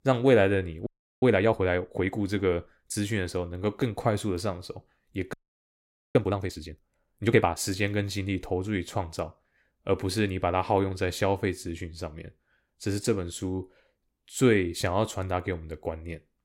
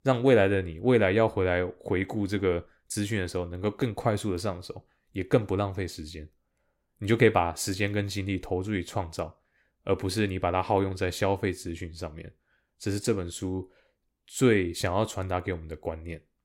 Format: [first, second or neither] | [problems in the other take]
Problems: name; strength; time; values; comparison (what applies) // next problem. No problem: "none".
second | audio freezing; at 1 s and at 5.5 s for 1 s